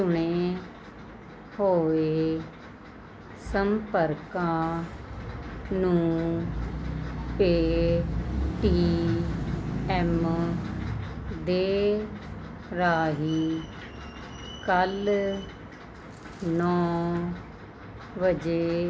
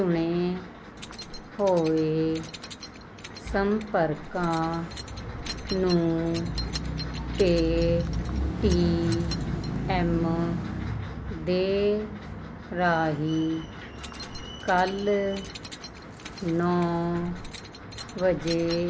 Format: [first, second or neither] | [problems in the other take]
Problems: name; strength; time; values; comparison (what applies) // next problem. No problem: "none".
first | background sound (Keys jangling); 17 dB below the speech